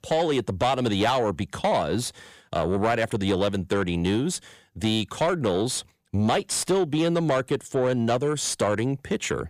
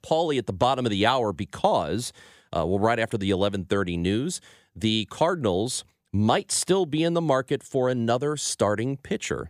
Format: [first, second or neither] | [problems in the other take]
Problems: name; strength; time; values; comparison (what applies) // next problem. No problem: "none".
second | distortion; slight; 10 dB below the speech